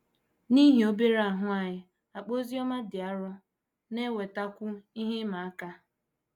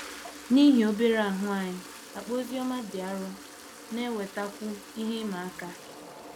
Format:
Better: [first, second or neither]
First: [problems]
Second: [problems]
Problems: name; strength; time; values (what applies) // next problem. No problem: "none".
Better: first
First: none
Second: background sound (Toilet flush); 15 dB below the speech